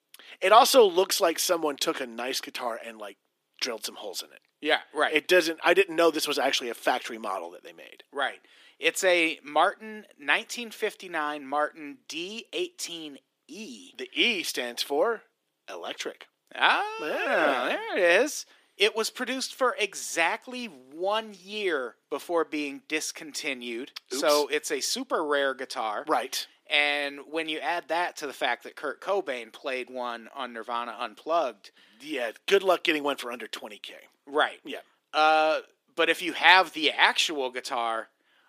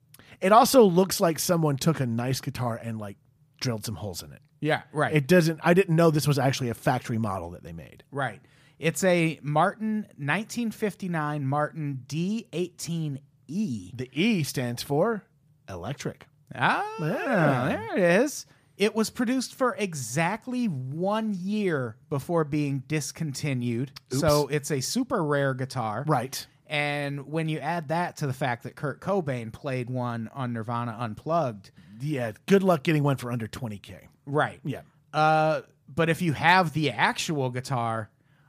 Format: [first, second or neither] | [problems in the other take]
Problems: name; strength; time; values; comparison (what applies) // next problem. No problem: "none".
second | thin; very; fading below 300 Hz